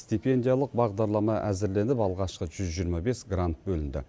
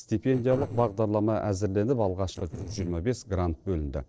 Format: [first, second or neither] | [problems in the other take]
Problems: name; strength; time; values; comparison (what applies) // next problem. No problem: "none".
first | noise reduction (neural separator model SepFormer DNS4)